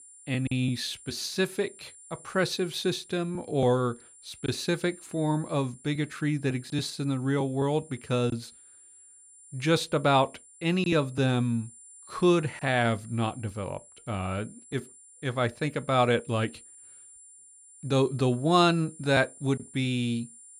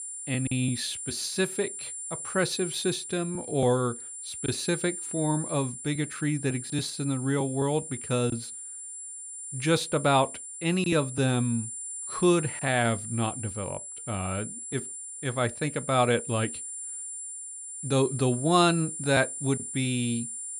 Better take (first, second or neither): first